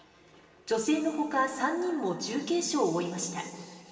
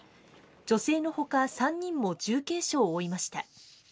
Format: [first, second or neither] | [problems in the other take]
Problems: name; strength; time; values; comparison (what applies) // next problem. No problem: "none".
second | room echo; dies away in 2.4 s